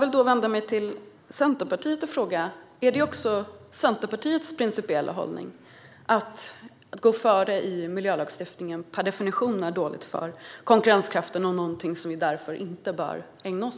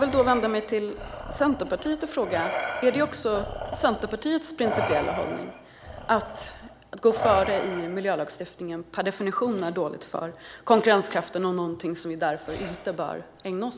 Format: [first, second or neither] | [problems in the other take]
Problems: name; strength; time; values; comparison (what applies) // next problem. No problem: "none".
first | background sound (Respiratory sounds); 9 dB below the speech